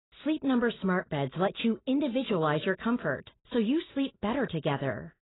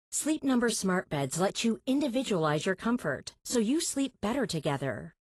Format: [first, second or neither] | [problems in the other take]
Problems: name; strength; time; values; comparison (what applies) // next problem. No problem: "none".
second | garbled, watery; badly; nothing above 4 kHz; slightly in the second